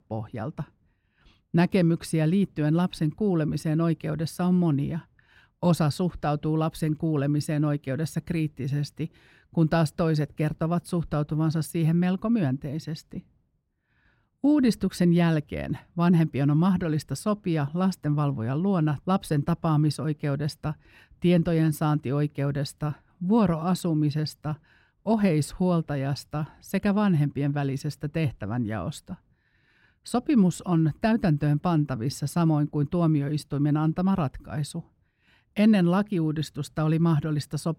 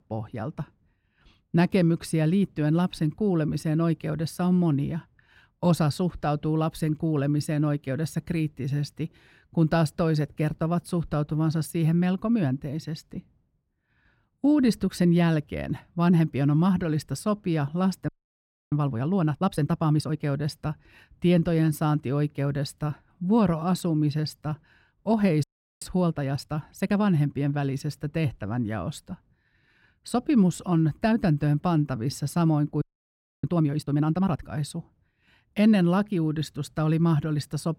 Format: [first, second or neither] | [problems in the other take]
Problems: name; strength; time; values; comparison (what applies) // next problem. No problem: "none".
first | audio freezing; at 18 s for 0.5 s, at 25 s and at 33 s for 0.5 s